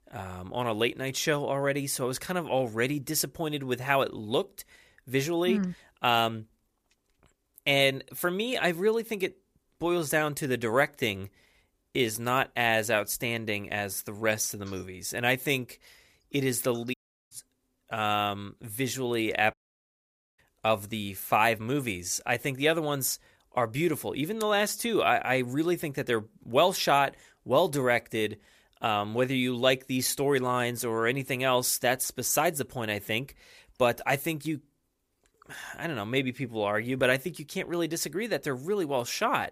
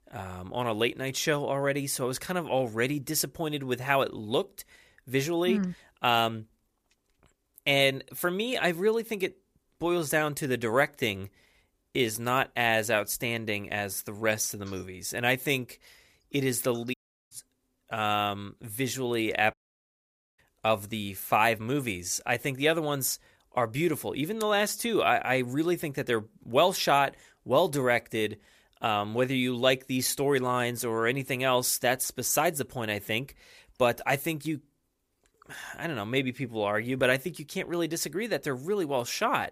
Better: neither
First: audio cutting out; at 17 s and at 20 s for 1 s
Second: audio cutting out; at 17 s and at 20 s for 1 s

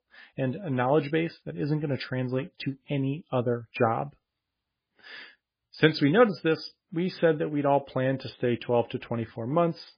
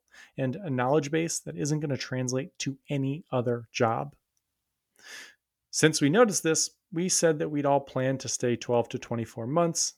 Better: second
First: garbled, watery; badly; nothing above 5 kHz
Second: none

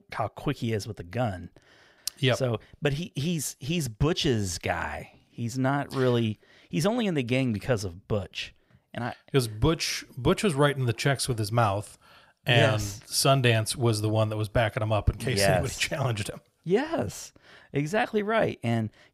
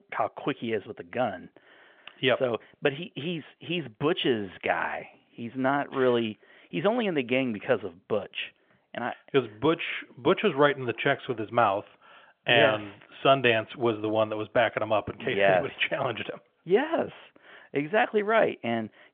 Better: first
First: none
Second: phone-call audio; nothing above 3.5 kHz

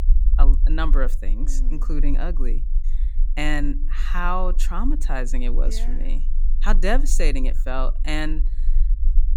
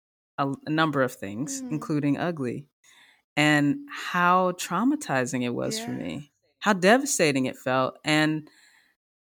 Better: second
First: low rumble; faint; throughout; 20 dB below the speech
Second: none

